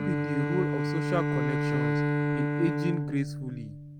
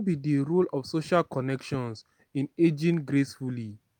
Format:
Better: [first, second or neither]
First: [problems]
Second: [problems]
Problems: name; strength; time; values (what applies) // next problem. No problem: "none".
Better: second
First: background sound (Bowed string instrument); 4 dB above the speech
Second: none